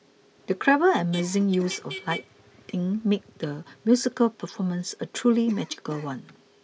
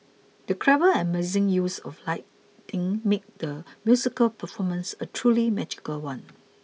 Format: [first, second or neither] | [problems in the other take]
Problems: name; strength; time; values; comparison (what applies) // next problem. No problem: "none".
second | background sound (Motor vehicle (road) + Cough); 18 dB below the speech